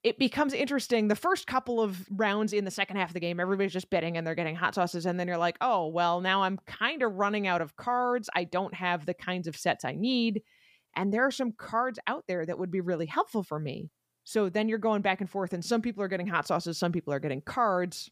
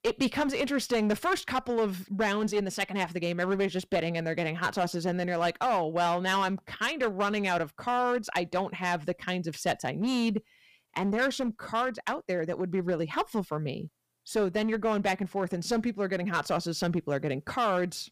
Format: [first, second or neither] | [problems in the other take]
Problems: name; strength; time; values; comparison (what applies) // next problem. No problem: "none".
first | distortion; slight; 8% of the sound clipped